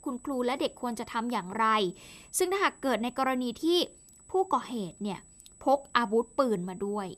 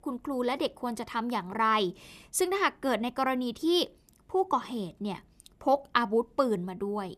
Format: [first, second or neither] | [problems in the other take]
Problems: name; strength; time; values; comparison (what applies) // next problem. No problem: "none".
second | high-pitched whine; faint; throughout; 8 kHz, 25 dB below the speech